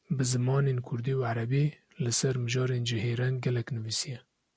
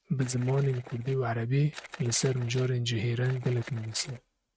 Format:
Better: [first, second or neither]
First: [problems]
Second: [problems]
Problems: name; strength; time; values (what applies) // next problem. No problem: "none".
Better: first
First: none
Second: noise reduction (neural mask model RNNoise)